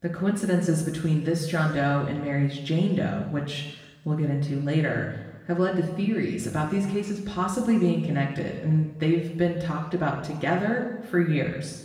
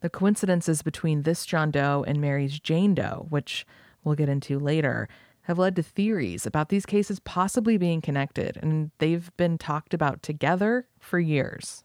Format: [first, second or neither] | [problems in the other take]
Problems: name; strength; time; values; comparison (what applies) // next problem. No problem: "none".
second | room echo; noticeable; dies away in 1.1 s // off-mic speech; far